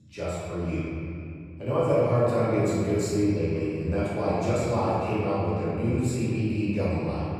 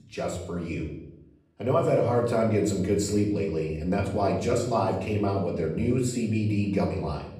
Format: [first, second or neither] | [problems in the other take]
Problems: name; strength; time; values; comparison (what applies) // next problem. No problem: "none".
second | room echo; strong; dies away in 2.4 s; slight in the second // off-mic speech; far; far in the second